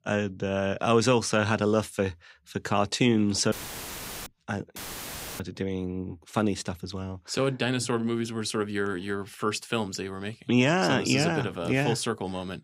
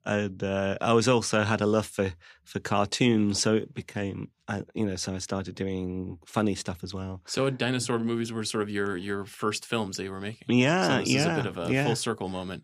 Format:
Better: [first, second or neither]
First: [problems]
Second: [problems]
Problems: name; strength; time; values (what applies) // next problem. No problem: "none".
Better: second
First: audio cutting out; filled with static; at 3.5 s for 0.5 s and at 5 s for 0.5 s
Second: none